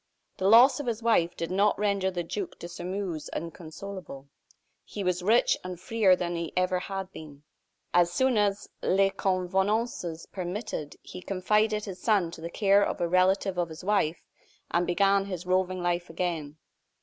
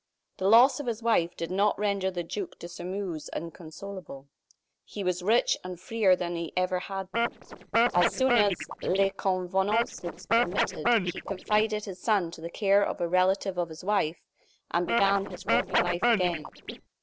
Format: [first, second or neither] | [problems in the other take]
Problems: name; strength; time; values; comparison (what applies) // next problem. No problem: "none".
first | noise reduction (neural separator model SepFormer DNS4)